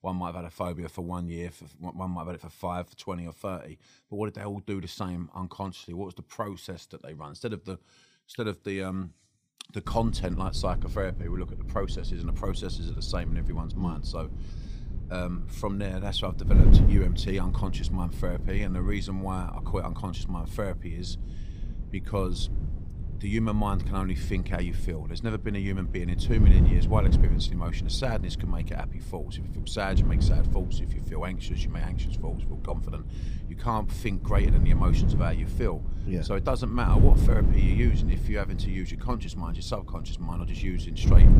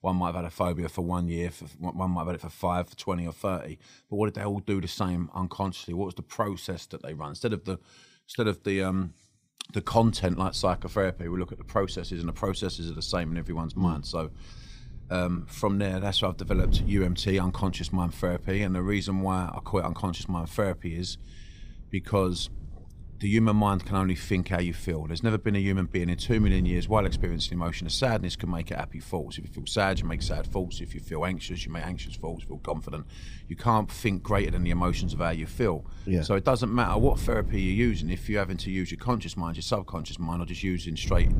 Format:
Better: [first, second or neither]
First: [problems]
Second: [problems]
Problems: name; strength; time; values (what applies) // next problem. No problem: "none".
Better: second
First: wind noise on the microphone; heavy; from 10 s on; 7 dB below the speech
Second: wind noise on the microphone; occasional gusts; from 10 s on; 20 dB below the speech